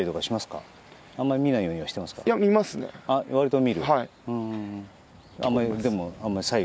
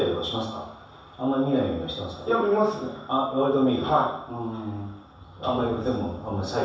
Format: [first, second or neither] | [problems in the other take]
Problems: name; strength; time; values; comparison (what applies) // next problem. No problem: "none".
first | room echo; dies away in 0.7 s